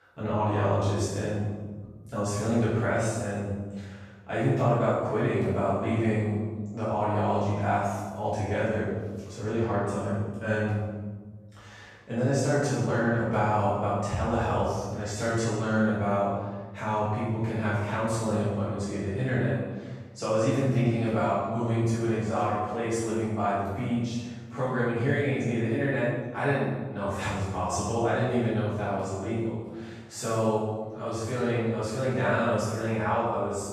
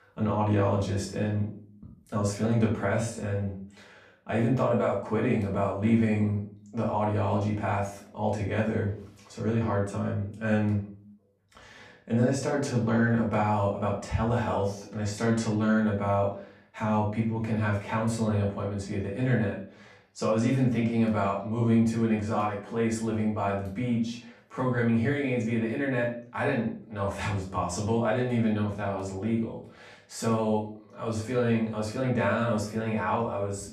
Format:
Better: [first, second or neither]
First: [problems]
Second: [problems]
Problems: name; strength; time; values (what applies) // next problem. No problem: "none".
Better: second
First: room echo; strong; dies away in 1.3 s // off-mic speech; far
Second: room echo; slight; dies away in 0.4 s // off-mic speech; far